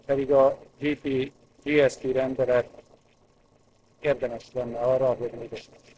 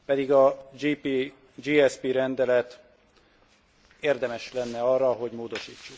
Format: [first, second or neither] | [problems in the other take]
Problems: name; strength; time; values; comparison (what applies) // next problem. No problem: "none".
second | noise reduction (neural separator model SepFormer DNS4)